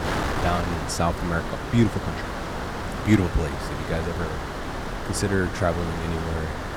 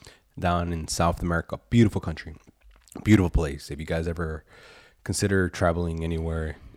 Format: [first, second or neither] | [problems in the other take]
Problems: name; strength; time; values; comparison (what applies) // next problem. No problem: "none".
second | wind noise on the microphone; heavy; 2 dB below the speech